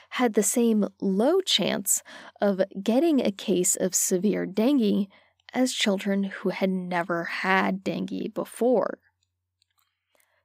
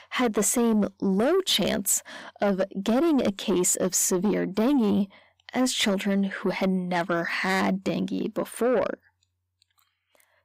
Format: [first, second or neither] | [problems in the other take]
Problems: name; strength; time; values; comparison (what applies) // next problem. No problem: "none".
first | distortion; slight; 10 dB below the speech